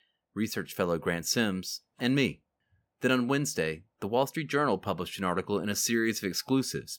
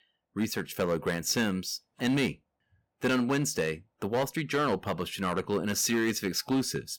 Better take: first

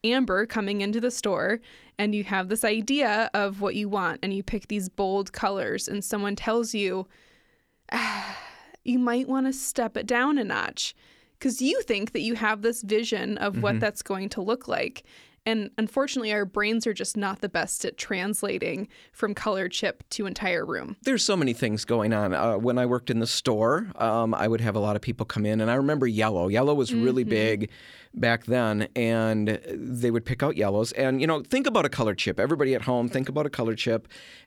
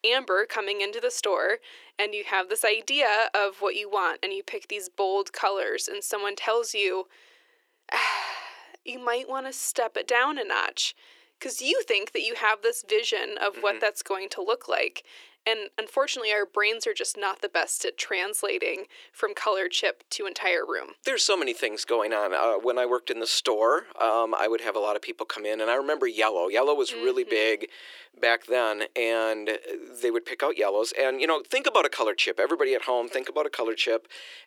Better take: first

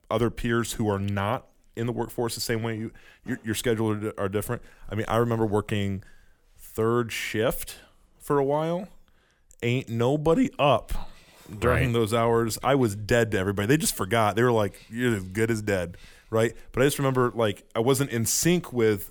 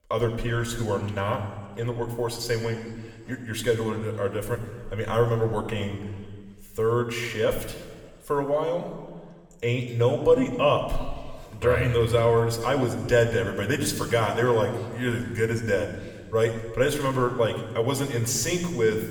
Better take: first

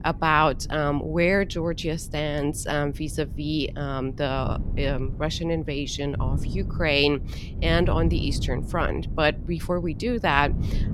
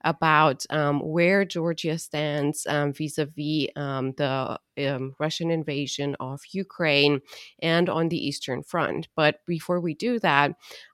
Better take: second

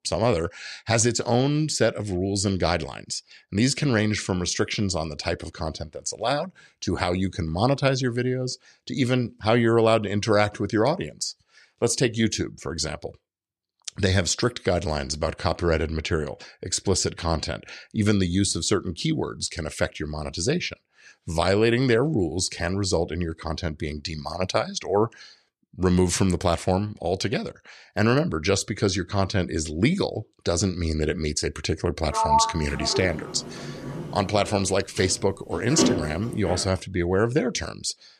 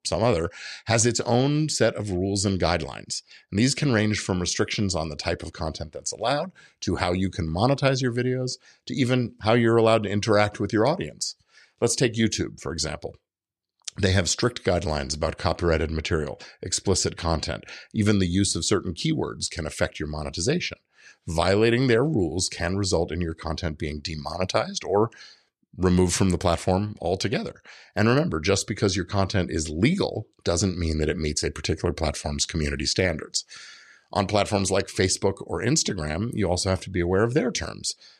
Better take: second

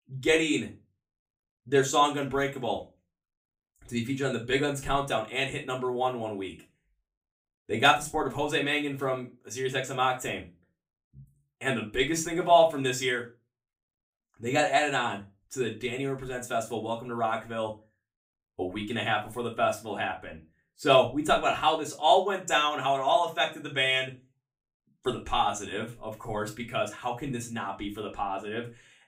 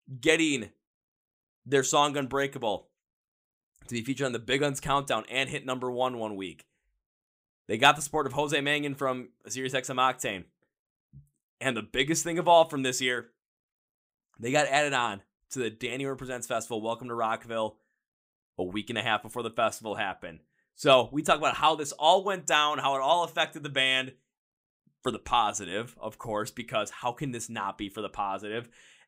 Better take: second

